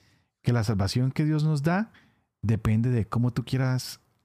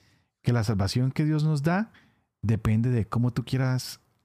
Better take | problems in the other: neither | none

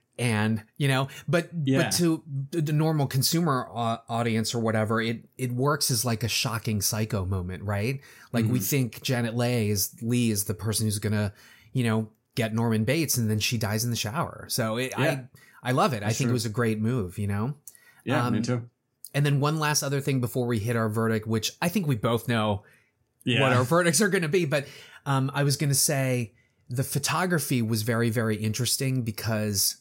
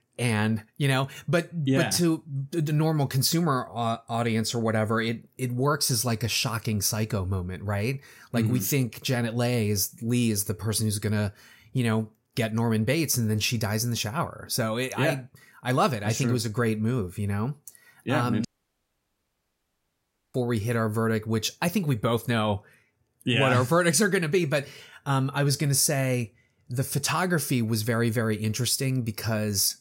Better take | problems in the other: first | audio cutting out; at 18 s for 2 s

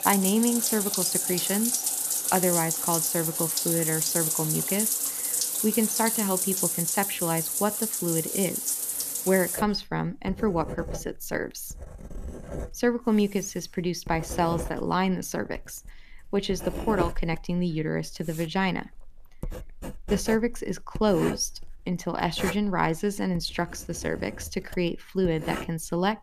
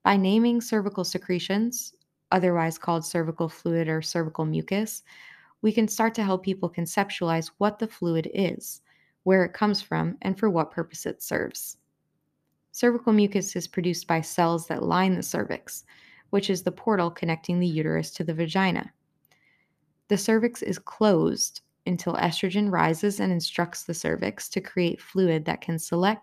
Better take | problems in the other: second | household noises; very loud; throughout; 1 dB above the speech

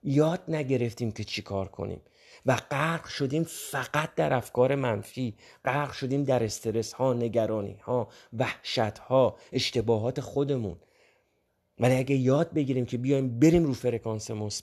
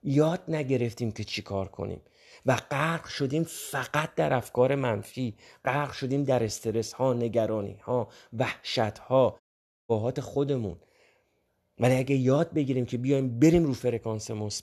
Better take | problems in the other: first | audio cutting out; at 9.5 s

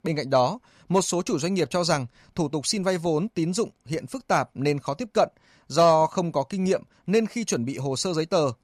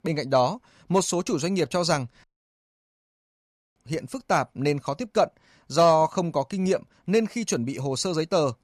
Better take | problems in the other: first | audio cutting out; at 2 s for 1.5 s

